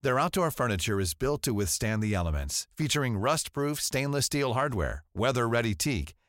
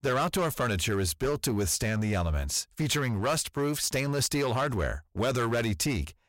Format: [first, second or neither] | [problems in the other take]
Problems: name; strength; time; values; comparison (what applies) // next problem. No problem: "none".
first | distortion; slight; 11% of the sound clipped